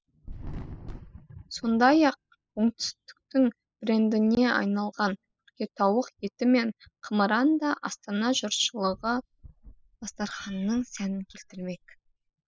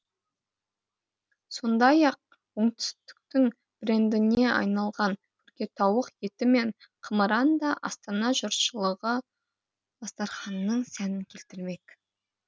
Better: second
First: noise reduction (classical method spectral subtraction)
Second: none

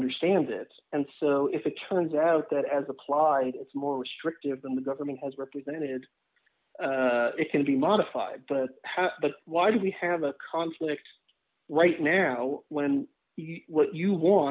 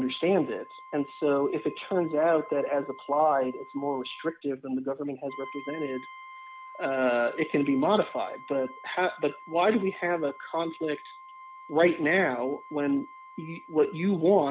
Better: first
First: none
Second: background sound (Brass instrument); 19 dB below the speech

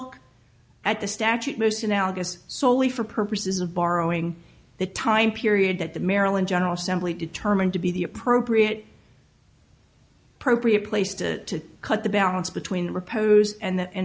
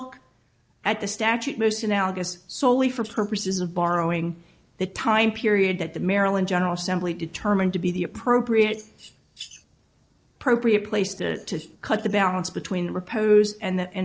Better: first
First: none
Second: noise reduction (neural separator model SepFormer DNS4)

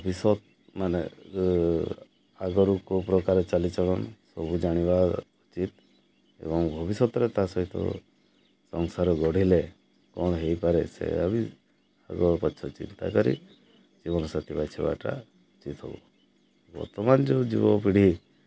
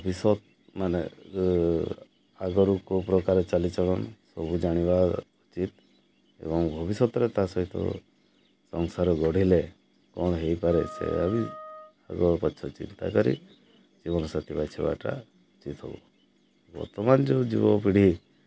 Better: first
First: none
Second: background sound (Wind instrument, woodwind instrument); 17 dB below the speech

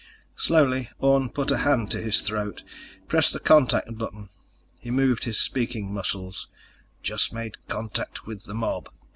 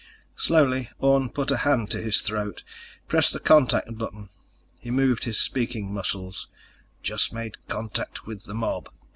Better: second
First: background sound (Organ); 15 dB below the speech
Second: none

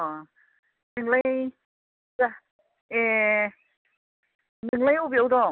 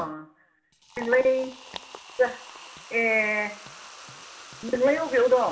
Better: first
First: none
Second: background sound (Liquid); 18 dB below the speech // room echo; dies away in 0.4 s

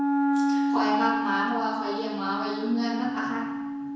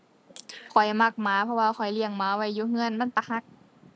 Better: second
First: background sound (Wind instrument, woodwind instrument); 2 dB above the speech // room echo; dies away in 1 s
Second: none

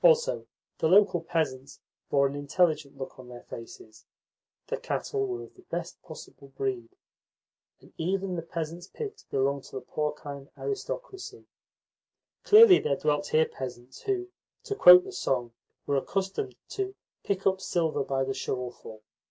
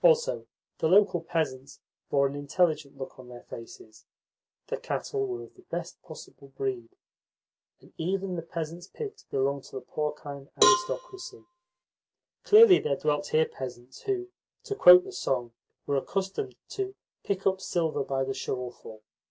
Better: first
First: none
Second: background sound (Cowbell); 2 dB below the speech

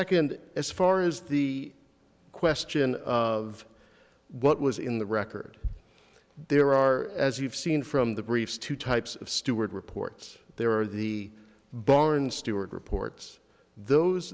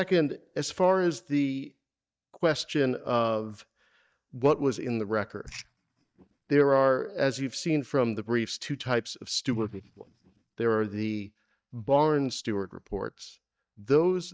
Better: first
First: none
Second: noise reduction (neural mask model DeepFilterNet 3)

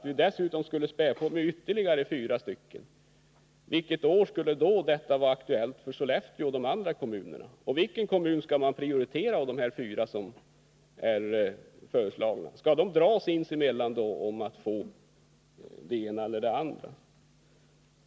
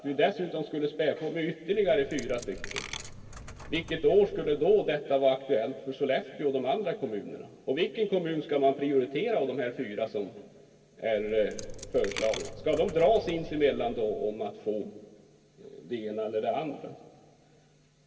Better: first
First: none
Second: background sound (Coin (dropping)); 12 dB below the speech // room echo; dies away in 2.6 s

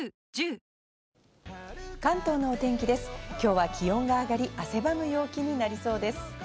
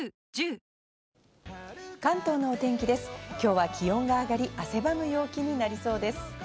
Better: second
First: background sound (Idling / Car); 13 dB below the speech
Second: none

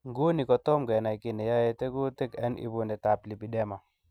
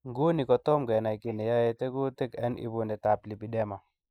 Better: first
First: none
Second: noise reduction (neural mask model Resemble Enhance denoiser)

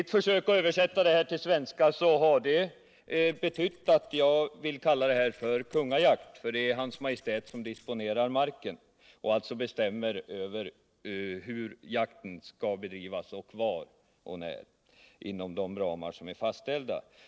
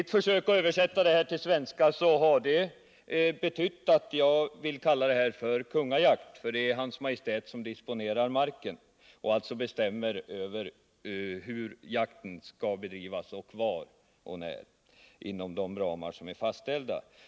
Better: second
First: noise reduction (neural separator model SepFormer DNS4)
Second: none

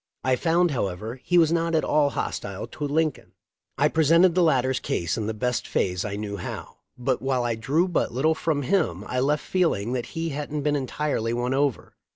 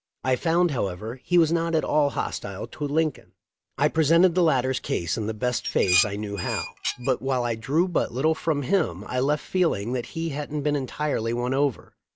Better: first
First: none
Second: background sound (Dishes, pots, and pans); 7 dB below the speech

